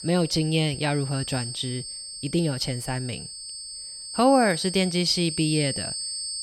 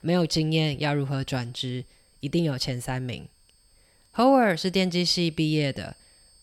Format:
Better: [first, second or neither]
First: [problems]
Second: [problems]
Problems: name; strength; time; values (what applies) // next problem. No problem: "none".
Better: second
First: high-pitched whine; loud; throughout; 8.5 kHz, 8 dB below the speech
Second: high-pitched whine; faint; throughout; 8.5 kHz, 35 dB below the speech